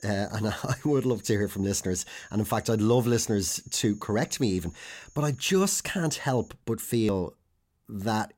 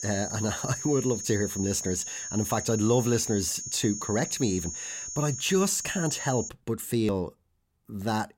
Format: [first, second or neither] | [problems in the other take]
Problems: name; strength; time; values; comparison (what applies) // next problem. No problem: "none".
first | high-pitched whine; loud; until 6.5 s; 6.5 kHz, 6 dB below the speech; faint in the first